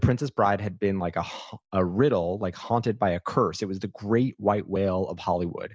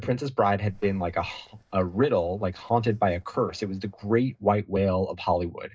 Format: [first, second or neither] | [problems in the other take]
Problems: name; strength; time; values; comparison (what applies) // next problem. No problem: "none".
first | noise reduction (neural mask model DeepFilterNet 3)